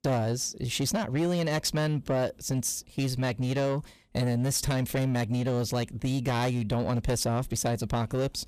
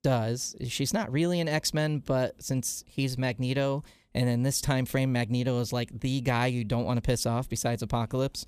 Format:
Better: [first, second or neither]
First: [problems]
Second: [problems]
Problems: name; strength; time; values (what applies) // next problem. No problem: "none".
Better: second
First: distortion; slight; 10 dB below the speech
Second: none